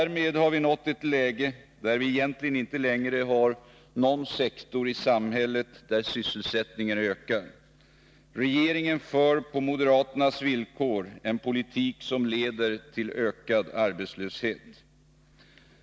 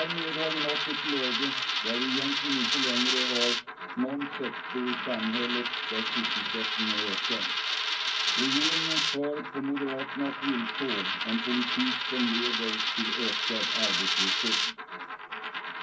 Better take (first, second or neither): first